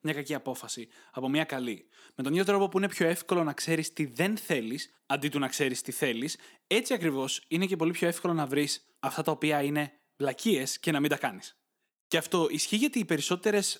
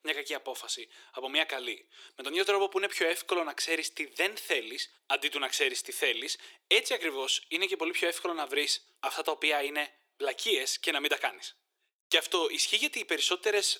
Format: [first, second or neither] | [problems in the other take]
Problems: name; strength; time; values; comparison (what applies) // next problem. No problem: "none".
first | thin; very; fading below 350 Hz